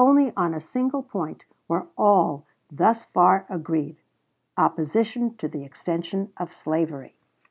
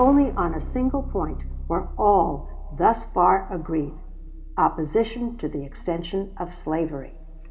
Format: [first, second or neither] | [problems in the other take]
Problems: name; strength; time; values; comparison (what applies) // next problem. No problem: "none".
first | background sound (Keyboard (musical)); 9 dB below the speech // room echo; dies away in 2.2 s